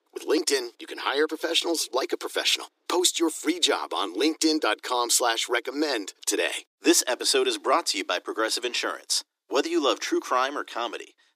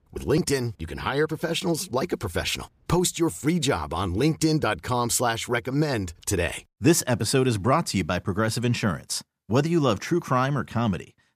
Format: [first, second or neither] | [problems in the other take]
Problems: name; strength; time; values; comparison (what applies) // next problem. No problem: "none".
second | thin; very; fading below 300 Hz